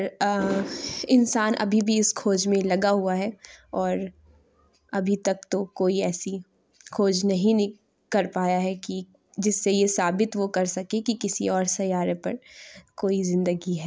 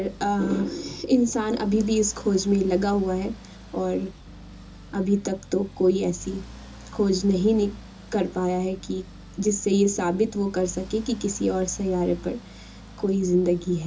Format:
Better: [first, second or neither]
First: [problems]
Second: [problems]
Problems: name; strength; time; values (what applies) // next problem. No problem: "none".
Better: first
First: none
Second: background sound (Accelerating, revving, vroom); 17 dB below the speech // room echo; dies away in 0.2 s